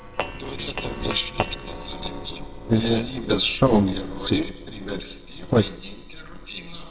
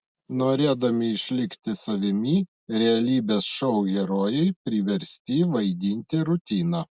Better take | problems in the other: second | noise reduction (neural separator model SepFormer WHAMR!)

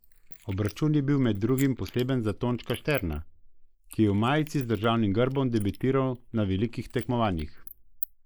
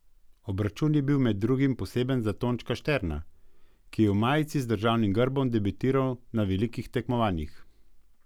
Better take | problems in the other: second | noise reduction (neural mask model Resemble Enhance denoiser)

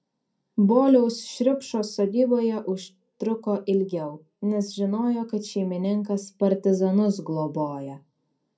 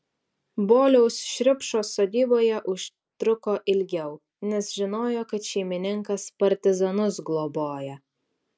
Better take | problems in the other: second | room echo; dies away in 0.2 s

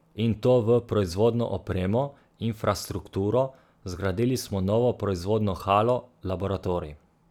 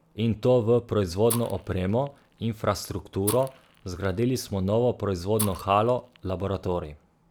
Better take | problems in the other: first | background sound (Fire); 14 dB below the speech

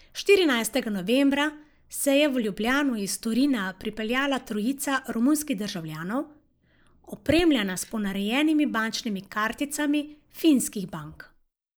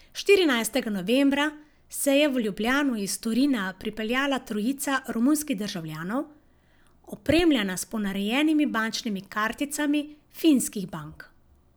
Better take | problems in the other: second | noise reduction (neural mask model Resemble Enhance denoiser)

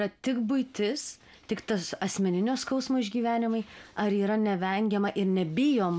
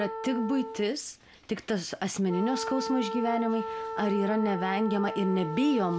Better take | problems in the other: first | background sound (Wind instrument, woodwind instrument); 8 dB below the speech

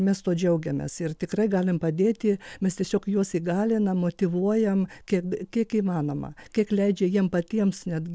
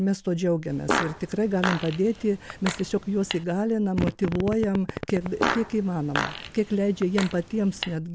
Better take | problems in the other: first | background sound (Fart + Fart); 6 dB below the speech

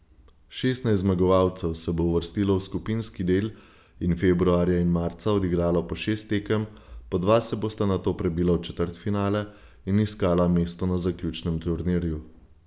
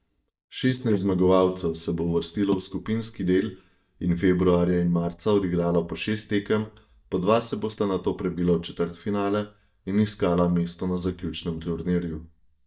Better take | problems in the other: first | noise reduction (neural mask model DeepFilterNet 3)

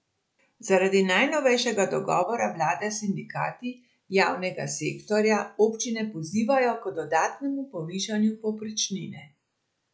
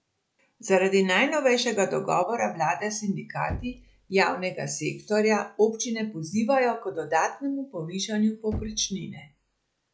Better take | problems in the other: first | background sound (Knock); 19 dB below the speech

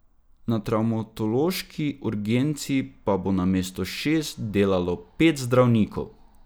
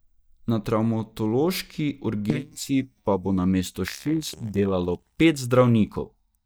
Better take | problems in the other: first | noise reduction (neural mask model DeepFilterNet 3)

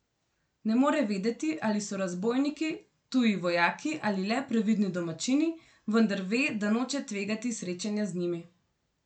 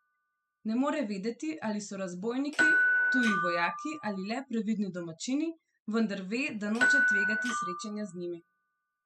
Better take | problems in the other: first | noise reduction (classical method spectral subtraction)

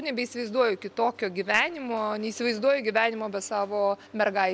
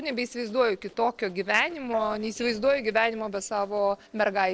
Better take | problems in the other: first | noise reduction (neural separator model SepFormer DNS4)

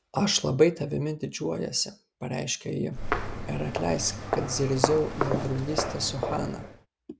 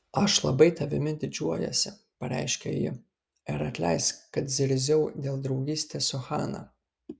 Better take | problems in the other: second | background sound (Walk, footsteps); 2 dB below the speech

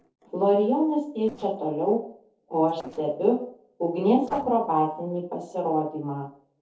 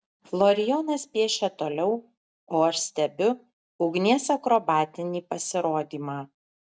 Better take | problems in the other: second | noise reduction (neural separator model SepFormer DNS4)

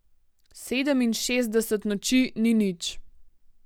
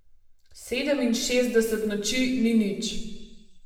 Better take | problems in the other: first | room echo; dies away in 1 s

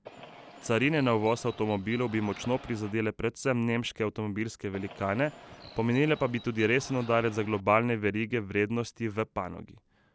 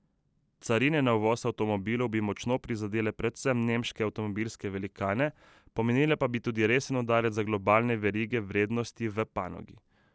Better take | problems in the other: second | background sound (Bird); 19 dB below the speech

